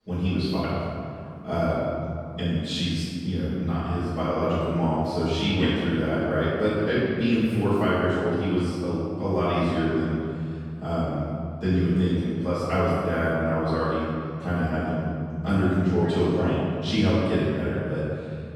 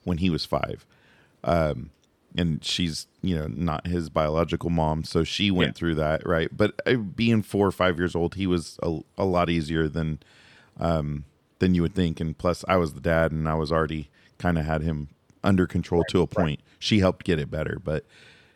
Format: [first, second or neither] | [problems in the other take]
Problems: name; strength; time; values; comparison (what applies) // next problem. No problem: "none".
second | room echo; strong; dies away in 2.2 s // off-mic speech; far